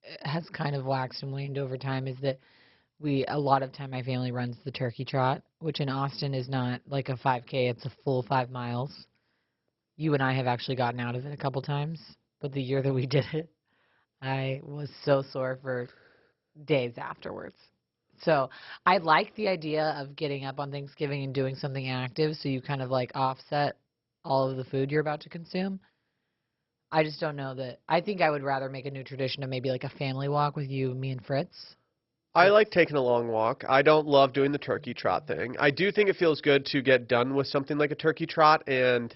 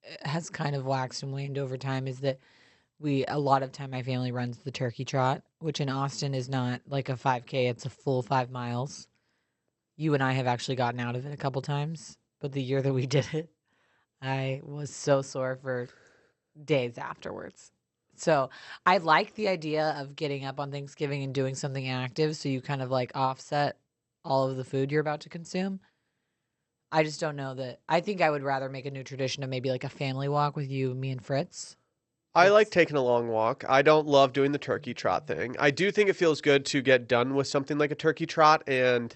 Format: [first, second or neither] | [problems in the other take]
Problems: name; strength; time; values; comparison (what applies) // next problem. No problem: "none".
second | garbled, watery; badly; nothing above 5.5 kHz; slightly in the second